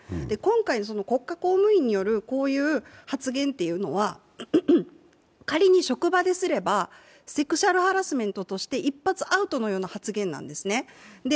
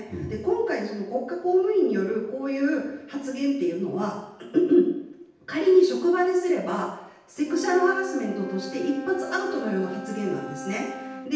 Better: first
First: none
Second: background sound (Wind instrument, woodwind instrument); 16 dB below the speech // room echo; dies away in 0.9 s

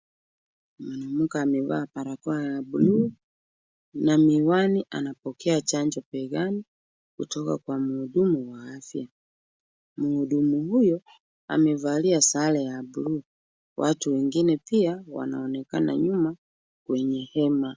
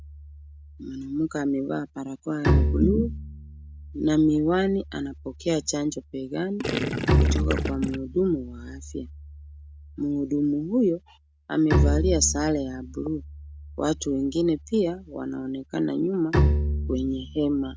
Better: first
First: none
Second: background sound (Bowed string instrument + Gurgling); 2 dB below the speech

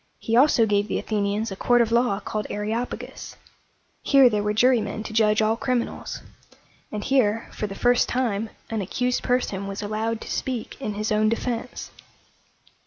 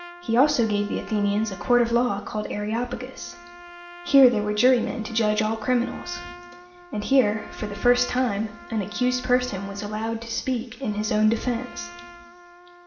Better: first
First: none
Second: background sound (Trumpet); 19 dB below the speech // room echo; dies away in 1.7 s

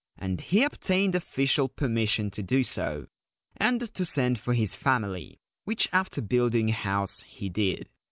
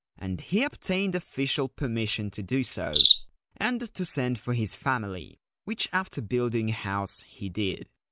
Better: first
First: none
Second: background sound (Cricket); 3 dB below the speech

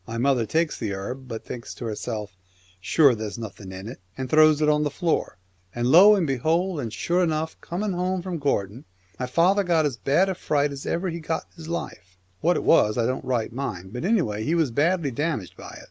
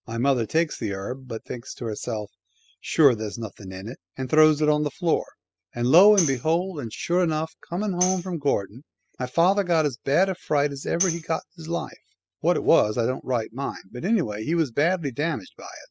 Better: first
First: none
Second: noise reduction (classical method spectral subtraction)

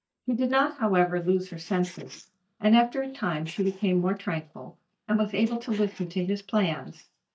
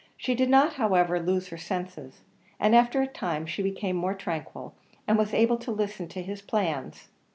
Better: second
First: noise reduction (neural mask model DeepFilterNet 3)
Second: none

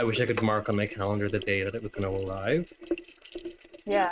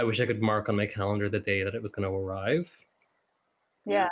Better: second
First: noise reduction (neural mask model RNNoise)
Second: none

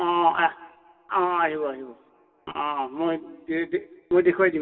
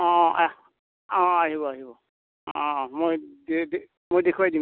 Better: second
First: room echo; dies away in 1.5 s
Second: none

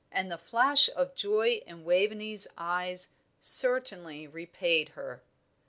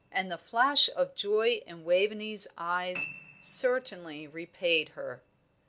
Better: first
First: none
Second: background sound (Piano); 18 dB below the speech

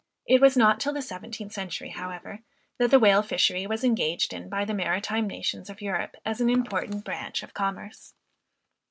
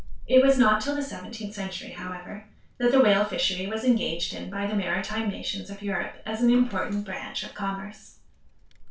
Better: first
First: none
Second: background sound (Wind); 13 dB below the speech // room echo; dies away in 0.3 s

